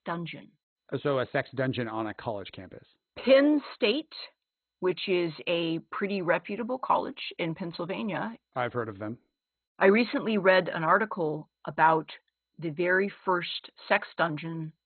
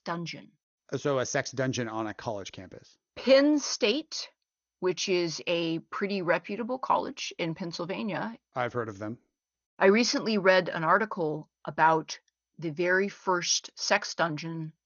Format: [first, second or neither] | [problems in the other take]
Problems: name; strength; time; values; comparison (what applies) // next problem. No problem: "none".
second | garbled, watery; badly; nothing above 4 kHz; slightly in the second